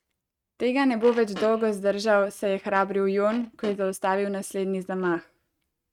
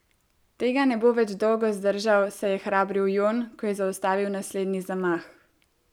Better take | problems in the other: second | noise reduction (neural mask model RNNoise)

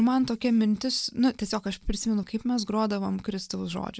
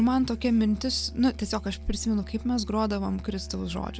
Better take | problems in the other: first | background sound (Musical instrument); 13 dB below the speech

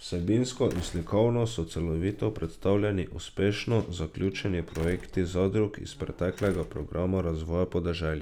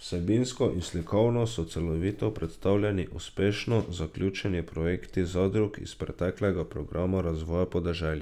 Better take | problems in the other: second | background sound (Slam); 18 dB below the speech

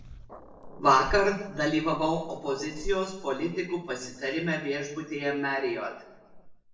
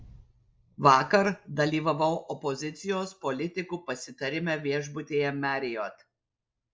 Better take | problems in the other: second | background sound (Growling); 13 dB below the speech // room echo; dies away in 0.7 s

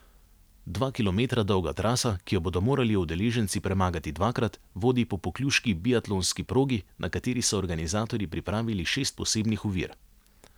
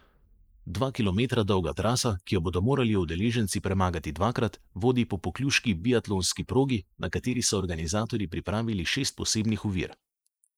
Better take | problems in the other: first | noise reduction (neural mask model Resemble Enhance denoiser)

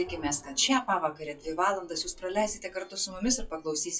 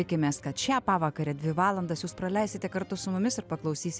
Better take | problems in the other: second | noise reduction (classical method WPE with log-MMSE)

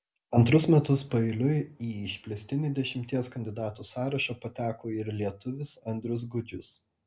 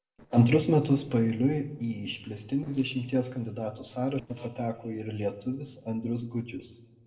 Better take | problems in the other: first | noise reduction (neural separator model SepFormer DNS4)

